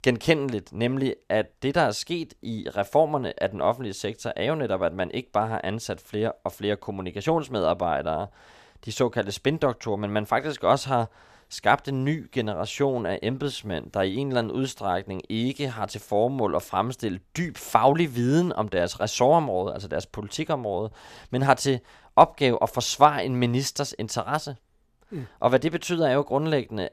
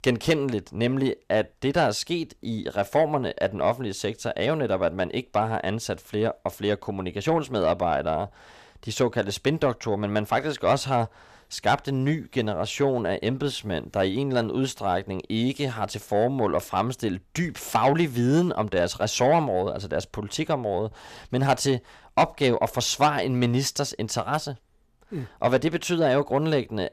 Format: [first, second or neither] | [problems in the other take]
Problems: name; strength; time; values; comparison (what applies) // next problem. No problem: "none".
first | distortion; slight; 10 dB below the speech